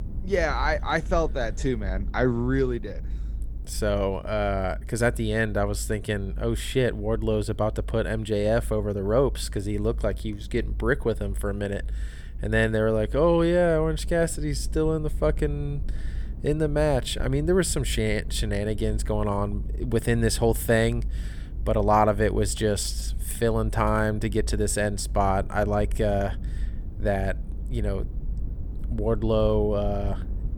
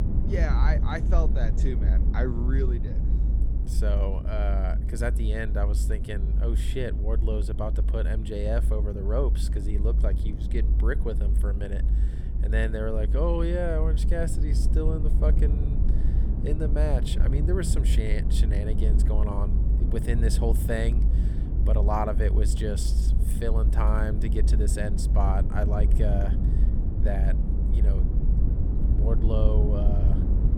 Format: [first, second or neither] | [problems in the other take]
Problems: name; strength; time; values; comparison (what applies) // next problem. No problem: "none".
first | low rumble; loud; throughout; 8 dB below the speech; faint in the first